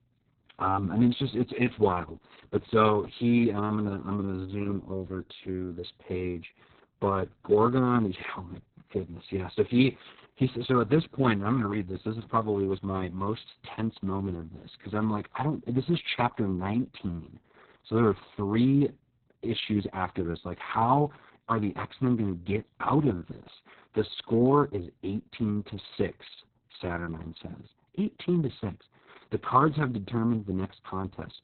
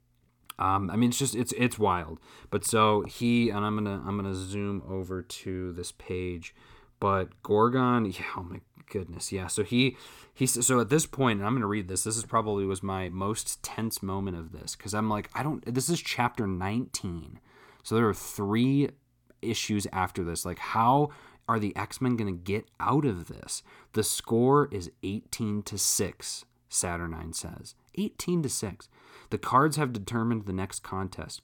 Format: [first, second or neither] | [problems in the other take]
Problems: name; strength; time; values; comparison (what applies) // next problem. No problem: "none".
second | garbled, watery; badly; nothing above 4 kHz